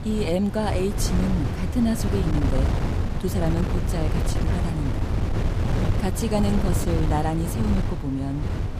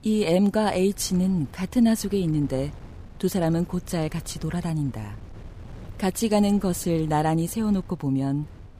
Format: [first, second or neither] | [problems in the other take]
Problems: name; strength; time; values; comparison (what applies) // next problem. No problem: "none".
second | wind noise on the microphone; heavy; 3 dB below the speech; occasional gusts in the second